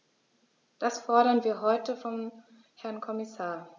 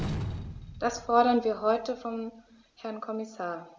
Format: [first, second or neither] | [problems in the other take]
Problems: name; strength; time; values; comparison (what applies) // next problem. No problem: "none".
first | background sound (Slam); 10 dB below the speech